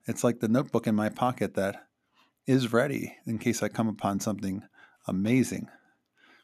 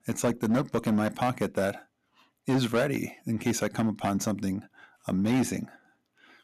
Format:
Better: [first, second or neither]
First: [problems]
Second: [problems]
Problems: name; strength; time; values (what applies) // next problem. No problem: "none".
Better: first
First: none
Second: distortion; slight; 5% of the sound clipped